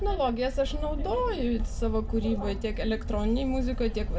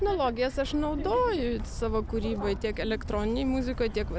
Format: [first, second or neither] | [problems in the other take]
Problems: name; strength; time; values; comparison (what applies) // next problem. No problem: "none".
second | room echo; dies away in 0.3 s